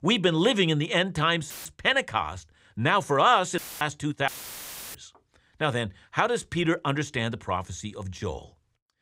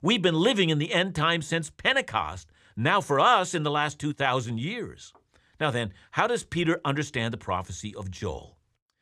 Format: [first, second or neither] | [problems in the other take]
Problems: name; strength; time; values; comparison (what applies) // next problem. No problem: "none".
second | audio cutting out; filled with static; at 1.5 s, at 3.5 s and at 4.5 s for 0.5 s